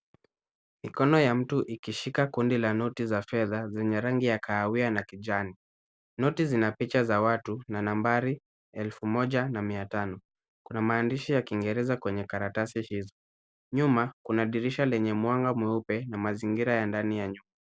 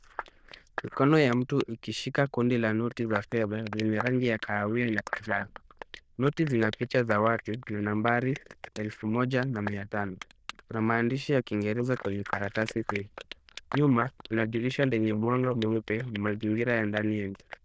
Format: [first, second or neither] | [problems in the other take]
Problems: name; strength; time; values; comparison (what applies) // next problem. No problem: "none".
first | noise reduction (neural diffusion model UNIVERSE++)